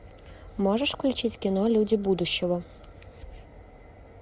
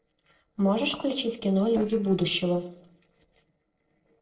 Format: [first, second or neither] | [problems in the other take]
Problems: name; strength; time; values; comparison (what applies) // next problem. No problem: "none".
first | noise reduction (neural separator model SepFormer DNS4)